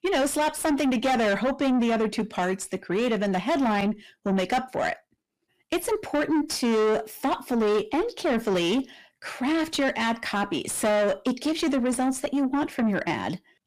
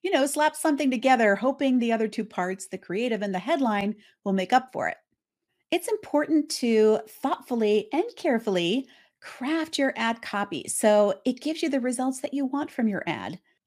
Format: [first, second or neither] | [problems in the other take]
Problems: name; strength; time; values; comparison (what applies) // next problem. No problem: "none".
second | distortion; heavy; 7 dB below the speech